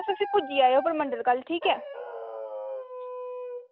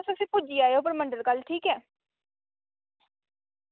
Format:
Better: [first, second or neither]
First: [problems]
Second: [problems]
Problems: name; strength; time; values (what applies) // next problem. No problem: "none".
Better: second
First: background sound (Dog); 10 dB below the speech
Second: none